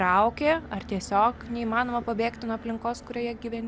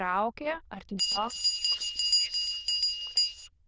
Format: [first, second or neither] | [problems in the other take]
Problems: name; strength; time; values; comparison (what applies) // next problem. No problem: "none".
first | noise reduction (neural diffusion model UNIVERSE++)